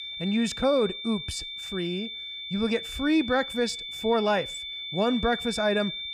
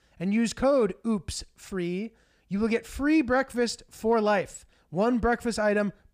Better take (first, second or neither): second